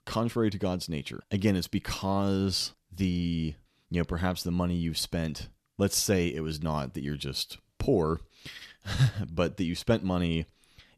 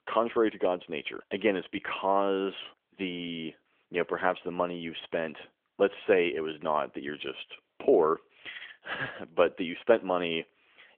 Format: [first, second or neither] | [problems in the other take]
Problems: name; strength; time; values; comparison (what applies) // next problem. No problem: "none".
first | phone-call audio; nothing above 3.5 kHz